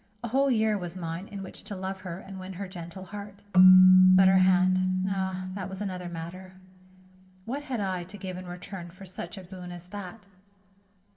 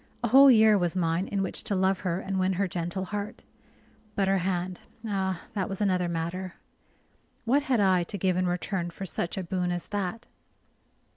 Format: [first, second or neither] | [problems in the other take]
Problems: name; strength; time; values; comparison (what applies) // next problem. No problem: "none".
second | background sound (Keyboard (musical)); 5 dB above the speech // room echo; dies away in 3 s